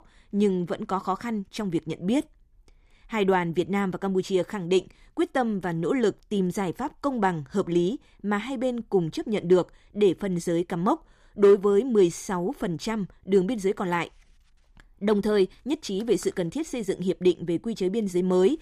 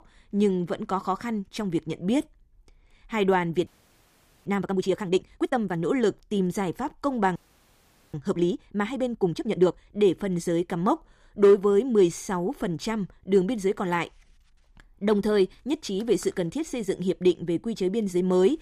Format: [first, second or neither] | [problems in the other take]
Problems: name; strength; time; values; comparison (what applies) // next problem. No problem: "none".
first | audio freezing; at 3.5 s for 1 s and at 7.5 s for 1 s